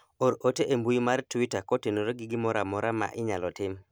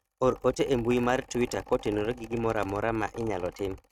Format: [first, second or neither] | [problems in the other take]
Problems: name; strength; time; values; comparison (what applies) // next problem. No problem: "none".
first | noise reduction (neural mask model RNNoise)